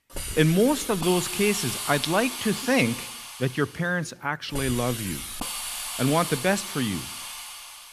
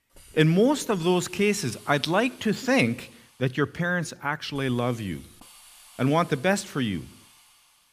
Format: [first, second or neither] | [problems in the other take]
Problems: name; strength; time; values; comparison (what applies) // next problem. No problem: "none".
second | hiss; loud; throughout; 6 dB below the speech; faint in the second